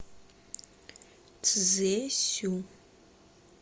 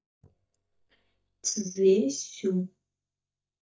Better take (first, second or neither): first